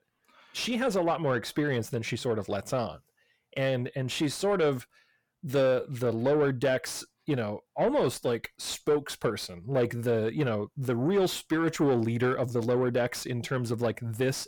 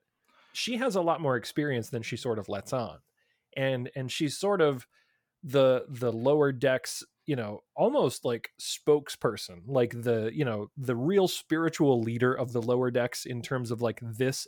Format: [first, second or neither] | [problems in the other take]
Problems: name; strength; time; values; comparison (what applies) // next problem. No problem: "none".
second | distortion; slight; 10 dB below the speech